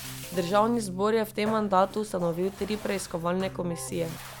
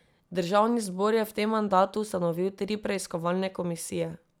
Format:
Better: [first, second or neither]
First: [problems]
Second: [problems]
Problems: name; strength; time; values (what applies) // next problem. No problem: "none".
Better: second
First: background sound (Bathtub (filling or washing) + Keyboard (musical)); 14 dB below the speech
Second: none